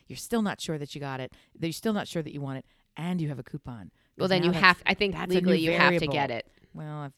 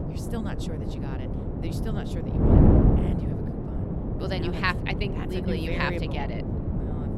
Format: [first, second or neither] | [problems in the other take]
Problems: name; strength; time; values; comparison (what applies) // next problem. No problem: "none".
first | wind noise on the microphone; heavy; 1 dB below the speech